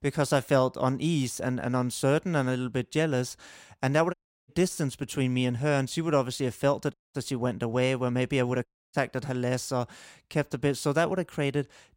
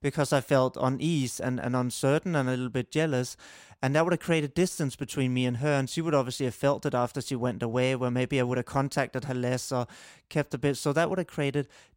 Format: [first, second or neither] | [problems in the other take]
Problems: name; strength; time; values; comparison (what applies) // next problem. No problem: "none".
second | audio cutting out; at 4 s, at 7 s and at 8.5 s